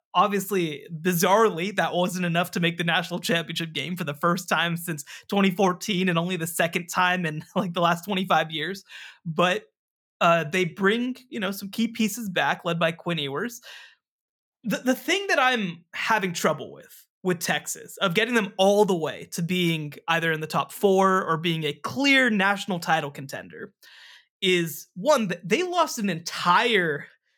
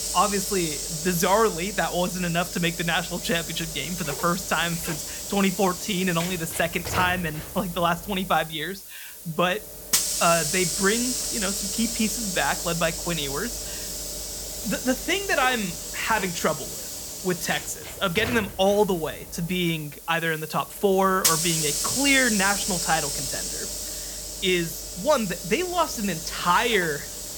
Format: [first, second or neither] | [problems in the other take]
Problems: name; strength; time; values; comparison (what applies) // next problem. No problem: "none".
first | hiss; loud; throughout; 4 dB below the speech